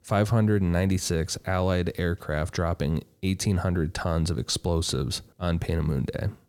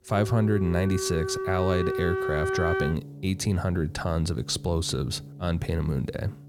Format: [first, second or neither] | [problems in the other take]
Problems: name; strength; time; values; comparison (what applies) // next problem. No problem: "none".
first | background music; loud; throughout; 3 dB below the speech